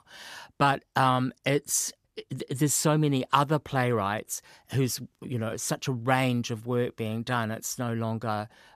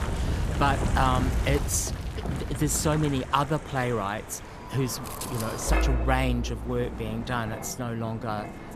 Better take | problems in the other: first | wind in the background; loud; throughout; 3 dB below the speech

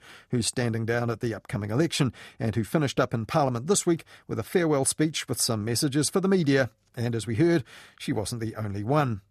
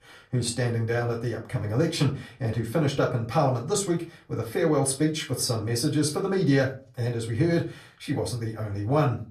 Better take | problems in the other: first | off-mic speech; far // room echo; very slight; dies away in 0.3 s

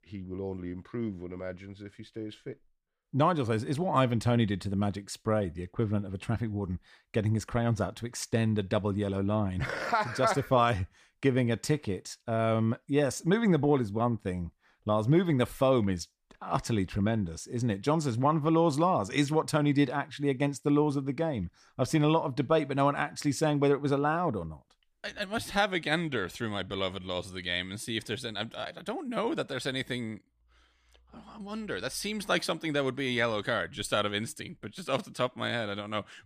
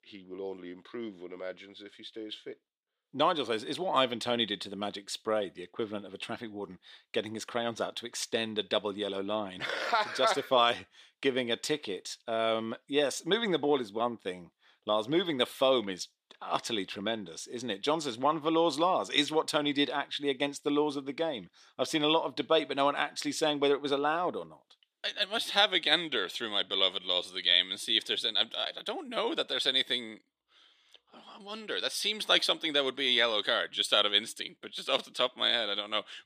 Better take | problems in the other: first | thin; somewhat; fading below 400 Hz

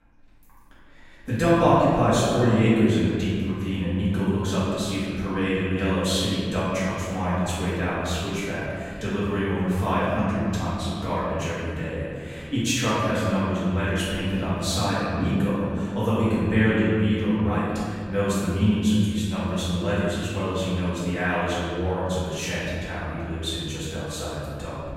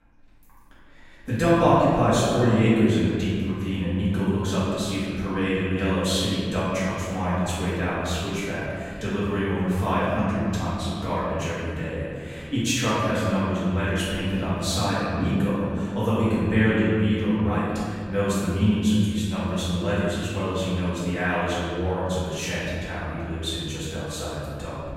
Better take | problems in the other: neither | room echo; strong; dies away in 2.1 s; the same in both // off-mic speech; far; the same in both

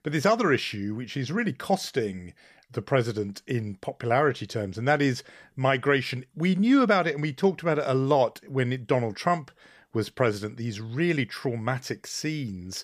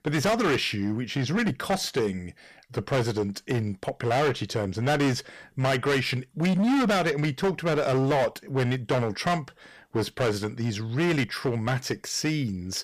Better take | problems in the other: first | distortion; heavy; 14% of the sound clipped

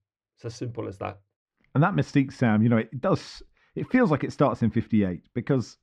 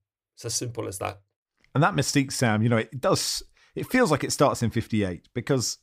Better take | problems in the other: second | muffled; slightly; fading above 2.5 kHz

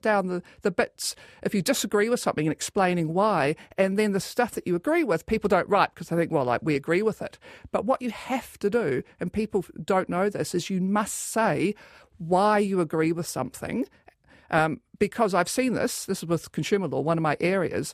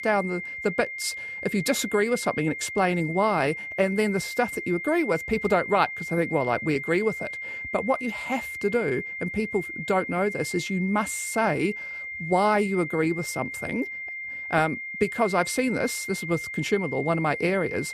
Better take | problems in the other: first | high-pitched whine; loud; throughout; 2 kHz, 7 dB below the speech

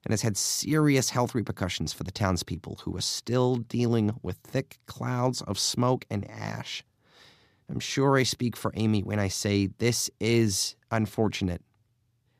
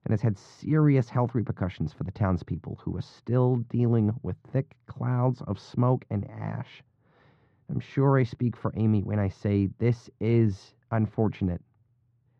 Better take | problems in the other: first | muffled; very; fading above 1.5 kHz

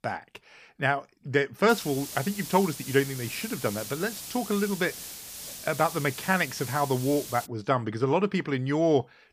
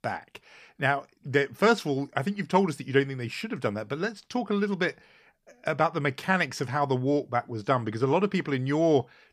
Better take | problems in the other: second | hiss; noticeable; from 1.5 to 7.5 s; 10 dB below the speech

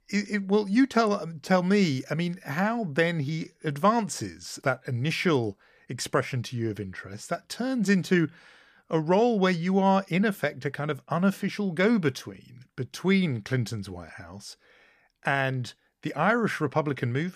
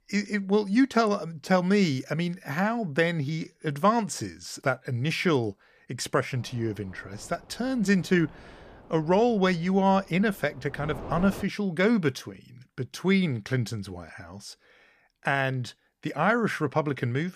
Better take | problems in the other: first | wind noise on the microphone; occasional gusts; from 6.5 to 11 s; 20 dB below the speech

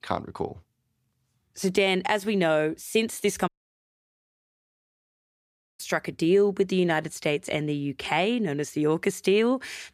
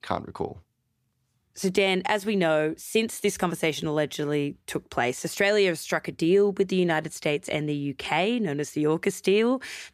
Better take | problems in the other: second | audio cutting out; at 3.5 s for 2.5 s

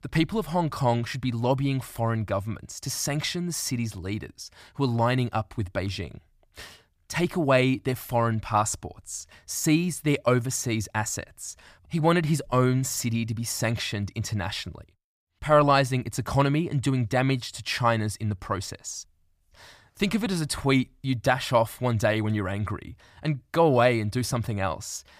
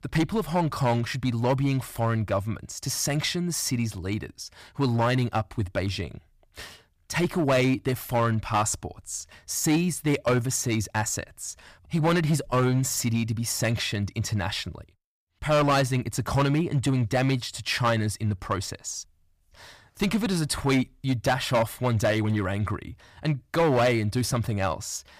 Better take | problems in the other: first | distortion; slight; 5% of the sound clipped

